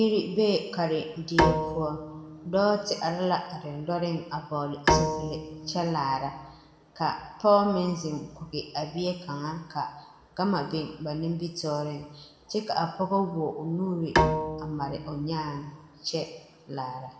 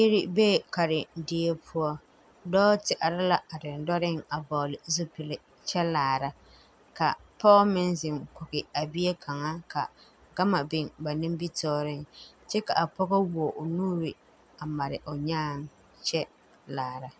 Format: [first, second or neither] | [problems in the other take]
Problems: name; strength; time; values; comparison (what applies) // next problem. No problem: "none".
second | background sound (Bowed string instrument); 2 dB below the speech // room echo; dies away in 1 s